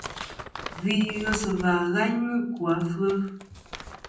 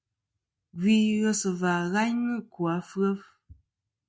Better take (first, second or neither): second